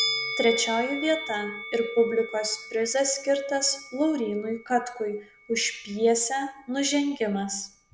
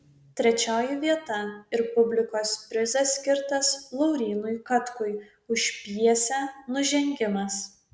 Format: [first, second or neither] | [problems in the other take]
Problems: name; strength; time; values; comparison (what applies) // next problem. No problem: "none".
second | background sound (Musical instrument); 10 dB below the speech